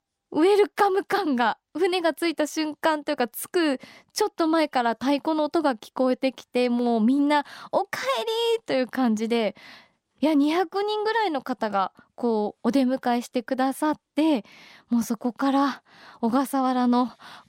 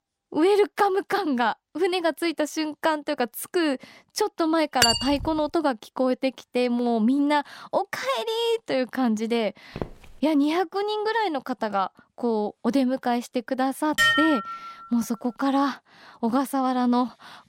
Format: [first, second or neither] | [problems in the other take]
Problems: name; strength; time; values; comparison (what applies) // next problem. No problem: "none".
first | clattering dishes; loud; at 5 s and at 14 s; peak 6 dB above the speech // footsteps; faint; at 10 s; peak 10 dB below the speech